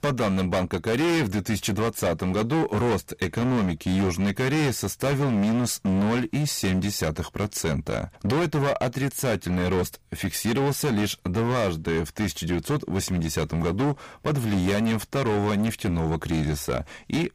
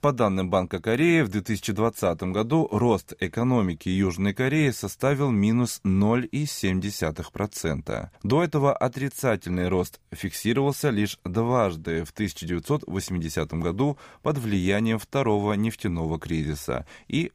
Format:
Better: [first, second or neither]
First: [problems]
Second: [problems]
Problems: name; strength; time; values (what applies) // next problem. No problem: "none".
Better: second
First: distortion; heavy; 21% of the sound clipped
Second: none